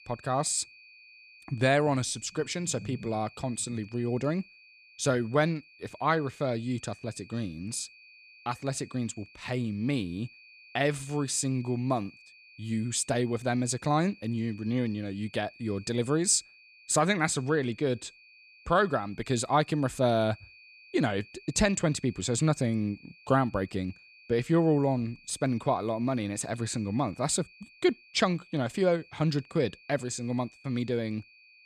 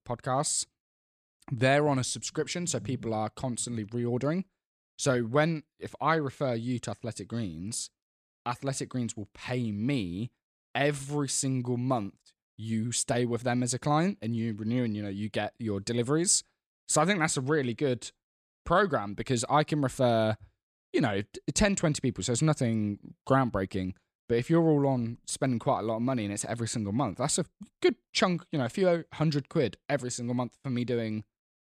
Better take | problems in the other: second | high-pitched whine; faint; throughout; 2.5 kHz, 25 dB below the speech

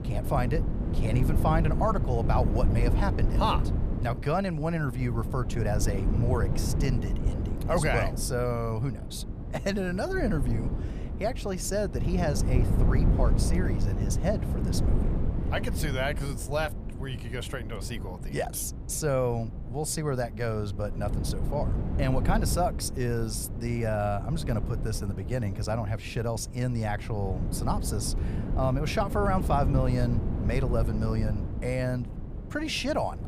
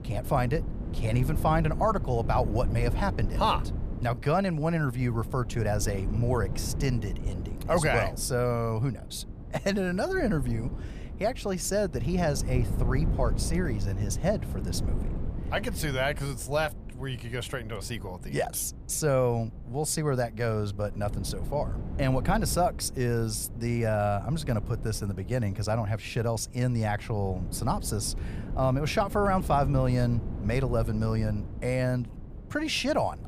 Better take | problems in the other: second | wind noise on the microphone; heavy; 9 dB below the speech; occasional gusts in the second

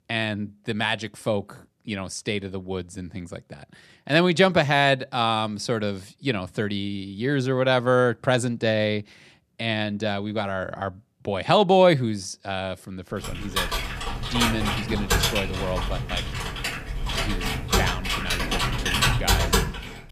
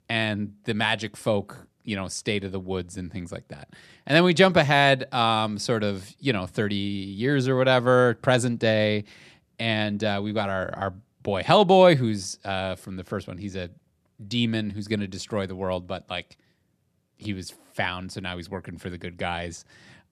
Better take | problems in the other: second | keyboard typing; loud; from 13 s on; peak 4 dB above the speech

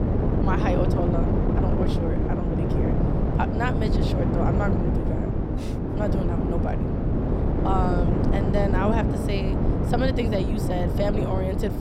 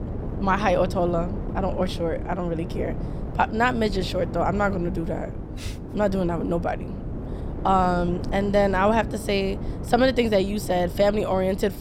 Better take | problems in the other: second | wind noise on the microphone; heavy; as loud as the speech; occasional gusts in the second

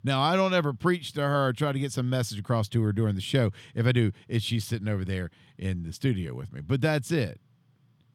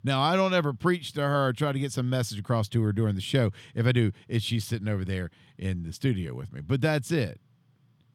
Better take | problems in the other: neither | none

